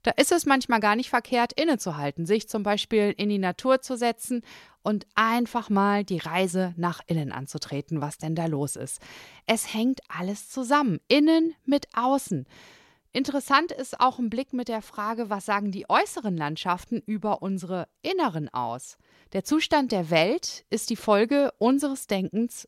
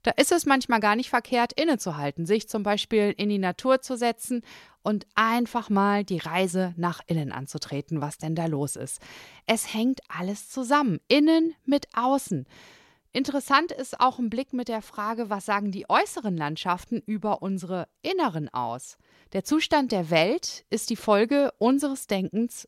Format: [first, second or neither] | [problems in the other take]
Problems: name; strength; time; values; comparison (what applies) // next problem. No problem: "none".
neither | none